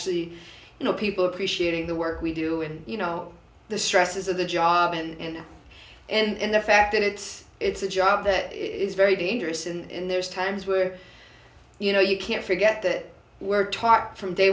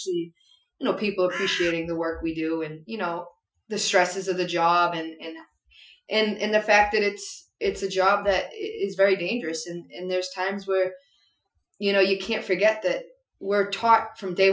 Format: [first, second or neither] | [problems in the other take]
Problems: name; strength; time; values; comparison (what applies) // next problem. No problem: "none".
first | noise reduction (classical method Wiener filter)